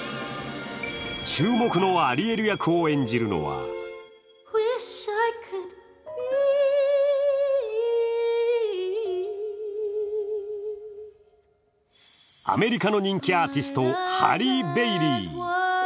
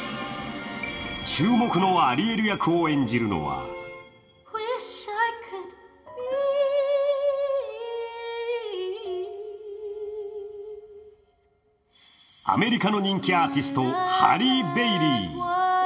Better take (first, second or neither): first